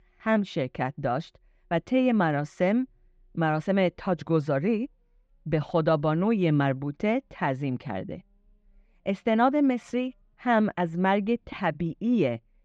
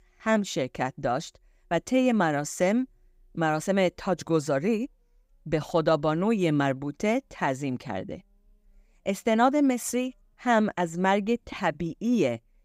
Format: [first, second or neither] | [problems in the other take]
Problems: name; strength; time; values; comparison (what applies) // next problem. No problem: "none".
second | muffled; slightly; fading above 3.5 kHz